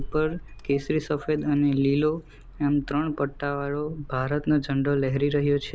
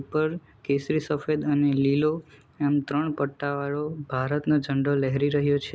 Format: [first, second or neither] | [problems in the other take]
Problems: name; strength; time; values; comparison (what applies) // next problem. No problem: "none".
second | background sound (Engine starting / Car); 15 dB below the speech